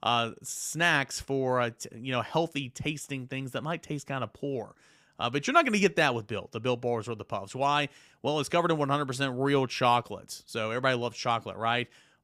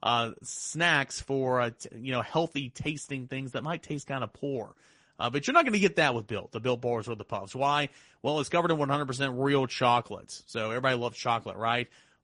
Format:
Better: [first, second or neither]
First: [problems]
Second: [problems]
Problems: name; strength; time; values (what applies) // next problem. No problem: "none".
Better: first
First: none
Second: garbled, watery; slightly; nothing above 10.5 kHz